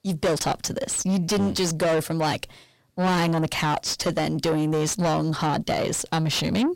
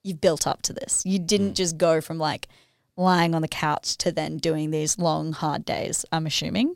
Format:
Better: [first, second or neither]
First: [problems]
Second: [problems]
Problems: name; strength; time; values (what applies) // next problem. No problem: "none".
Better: second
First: distortion; heavy; 6 dB below the speech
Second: none